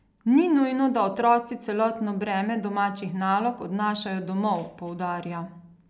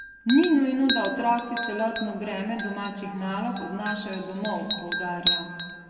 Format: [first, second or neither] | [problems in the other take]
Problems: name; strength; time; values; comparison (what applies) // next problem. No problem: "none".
first | background sound (Chink, clink); 5 dB below the speech // room echo; dies away in 2.2 s